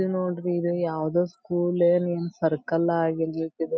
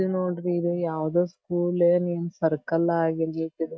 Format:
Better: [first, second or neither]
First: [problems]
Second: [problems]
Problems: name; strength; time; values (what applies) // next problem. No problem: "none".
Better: first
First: none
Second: noise reduction (neural mask model DeepFilterNet 3)